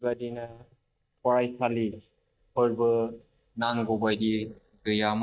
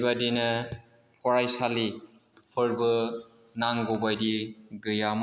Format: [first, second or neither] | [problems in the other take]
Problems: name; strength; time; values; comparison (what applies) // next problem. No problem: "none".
second | noise reduction (neural mask model DeepFilterNet 3)